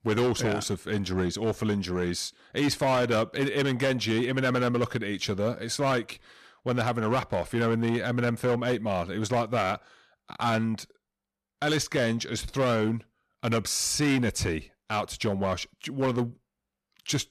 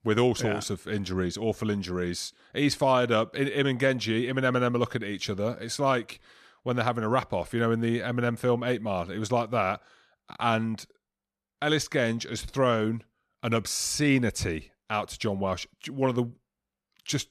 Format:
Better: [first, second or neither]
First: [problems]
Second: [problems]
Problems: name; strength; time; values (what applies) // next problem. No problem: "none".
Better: second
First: distortion; slight; 8% of the sound clipped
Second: none